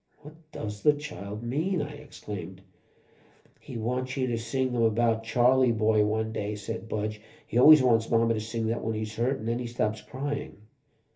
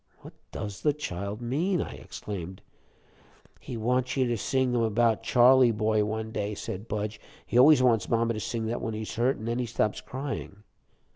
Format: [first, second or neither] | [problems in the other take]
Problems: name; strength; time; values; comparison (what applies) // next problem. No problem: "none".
second | room echo; dies away in 0.3 s